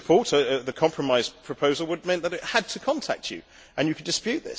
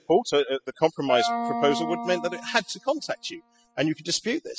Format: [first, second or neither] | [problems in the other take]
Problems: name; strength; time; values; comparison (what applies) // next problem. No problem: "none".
first | noise reduction (classical method spectral subtraction)